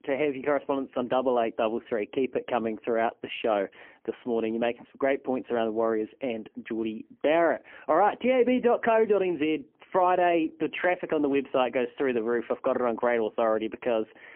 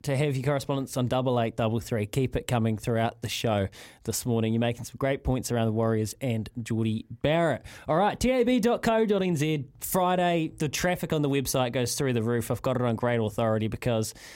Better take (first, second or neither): second